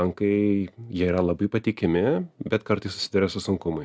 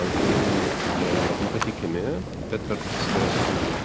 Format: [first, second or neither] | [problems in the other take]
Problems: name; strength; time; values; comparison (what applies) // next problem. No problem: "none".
first | background sound (Waves, surf); 4 dB above the speech